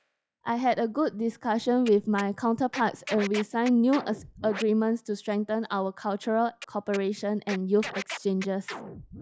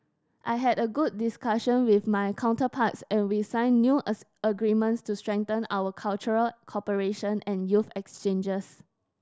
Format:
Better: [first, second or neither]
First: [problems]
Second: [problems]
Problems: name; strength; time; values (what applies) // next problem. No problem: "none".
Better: second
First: noise reduction (classical method log-MMSE)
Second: none